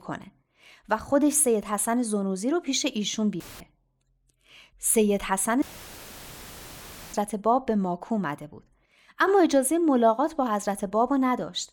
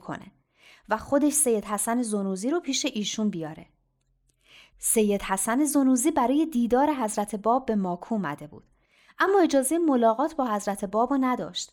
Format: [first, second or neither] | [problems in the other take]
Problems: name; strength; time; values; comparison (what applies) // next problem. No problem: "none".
second | audio cutting out; filled with static; at 3.5 s and at 5.5 s for 1.5 s